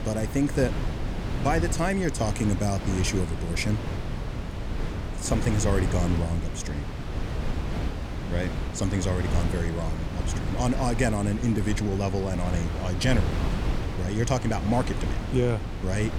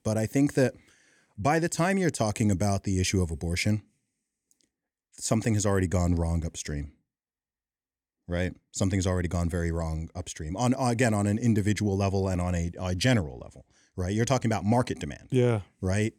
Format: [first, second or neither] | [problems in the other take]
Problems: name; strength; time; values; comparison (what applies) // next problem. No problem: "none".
second | wind noise on the microphone; heavy; 6 dB below the speech